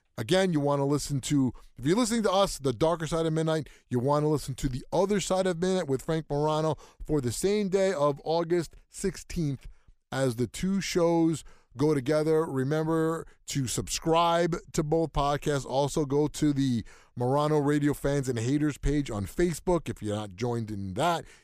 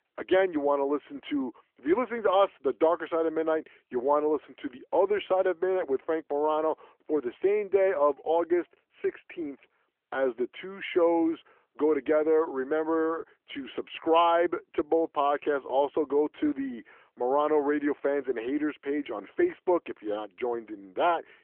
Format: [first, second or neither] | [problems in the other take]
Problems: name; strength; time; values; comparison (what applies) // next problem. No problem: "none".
first | phone-call audio; nothing above 3.5 kHz